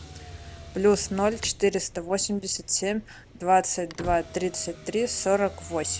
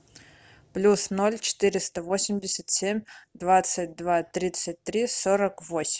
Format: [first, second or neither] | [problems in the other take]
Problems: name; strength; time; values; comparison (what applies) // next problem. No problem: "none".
second | background sound (Motor vehicle (road)); 16 dB below the speech